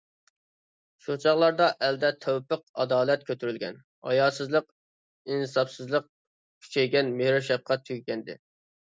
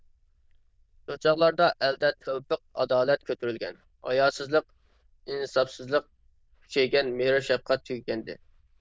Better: first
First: none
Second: noise reduction (neural diffusion model UNIVERSE++)

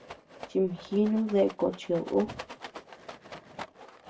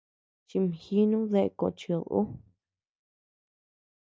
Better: second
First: background sound (Rattle); 15 dB below the speech // room echo; dies away in 0.2 s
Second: none

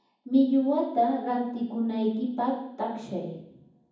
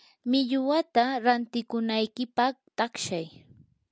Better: second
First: room echo; dies away in 1.2 s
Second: none

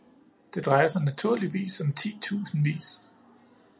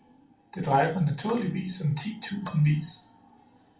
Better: first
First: none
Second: background sound (Cutlery, silverware / Dishes, pots, and pans); 18 dB below the speech // room echo; dies away in 0.3 s

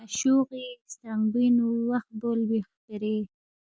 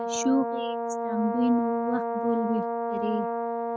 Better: first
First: none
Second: background sound (Brass instrument); 1 dB below the speech

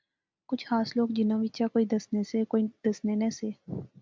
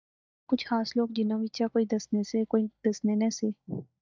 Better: first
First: none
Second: noise reduction (neural mask model DeepFilterNet 3)

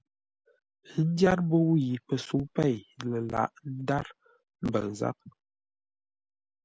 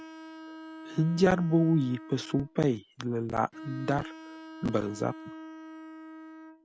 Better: first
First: none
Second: background sound (Bowed string instrument); 15 dB below the speech

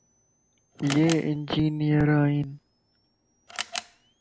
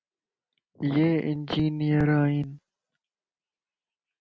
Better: second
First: background sound (Camera); 15 dB below the speech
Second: none

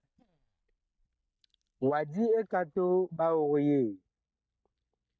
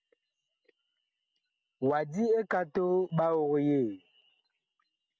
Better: second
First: noise reduction (neural mask model DeepFilterNet 3)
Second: none

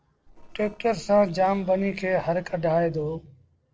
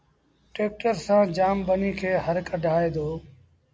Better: second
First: noise reduction (neural separator model SepFormer DNS4)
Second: none

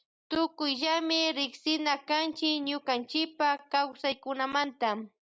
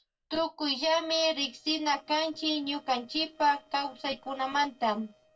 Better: first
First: none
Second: noise reduction (neural separator model SepFormer DNS4)

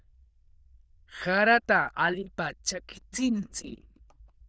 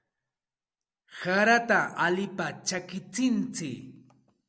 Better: second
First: noise reduction (neural diffusion model UNIVERSE++)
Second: none

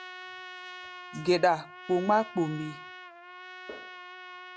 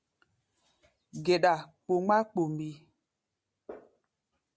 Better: second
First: background sound (Trumpet); 13 dB below the speech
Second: none

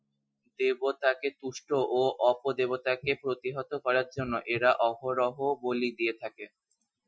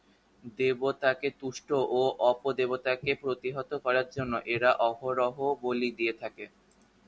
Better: second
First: noise reduction (classical method Wiener filter)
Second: none

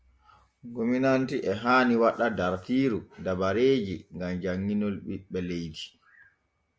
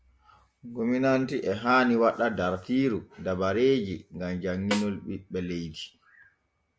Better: first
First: none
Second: background sound (Snare drum); 10 dB below the speech

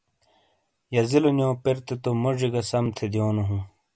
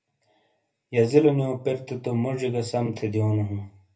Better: first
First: none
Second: room echo; dies away in 0.3 s

